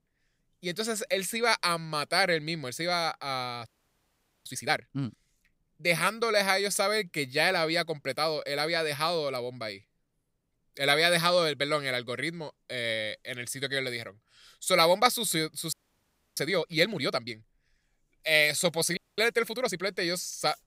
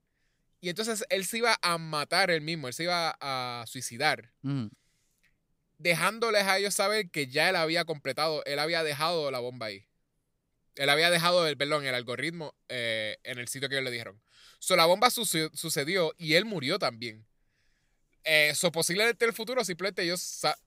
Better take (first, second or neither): second